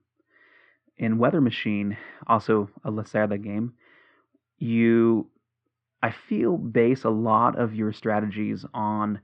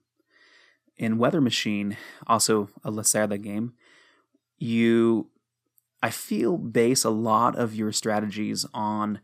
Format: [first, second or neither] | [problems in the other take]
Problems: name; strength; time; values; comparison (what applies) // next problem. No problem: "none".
second | muffled; very; fading above 2.5 kHz